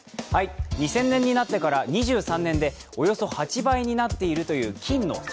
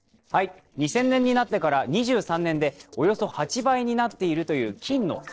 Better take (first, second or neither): first